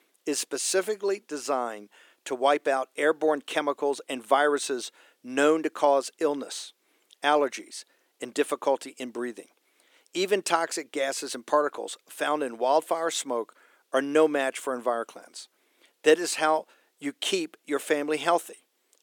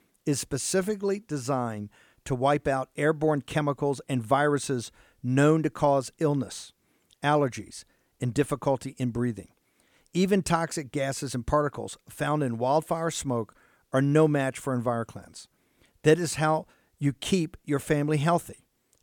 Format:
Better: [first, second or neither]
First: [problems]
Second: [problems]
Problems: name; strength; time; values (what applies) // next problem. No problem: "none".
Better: second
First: thin; somewhat; fading below 300 Hz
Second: none